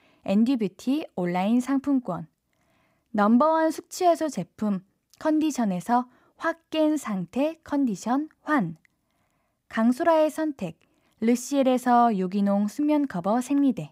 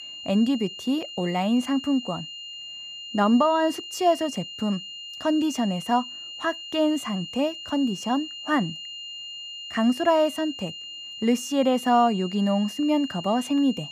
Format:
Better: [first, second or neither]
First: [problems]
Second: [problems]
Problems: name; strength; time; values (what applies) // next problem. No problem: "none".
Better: first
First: none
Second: high-pitched whine; noticeable; throughout; 3 kHz, 10 dB below the speech